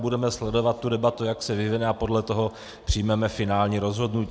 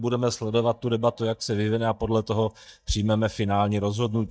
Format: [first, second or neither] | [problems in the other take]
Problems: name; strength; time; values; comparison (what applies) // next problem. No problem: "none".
first | noise reduction (neural mask model DeepFilterNet 3)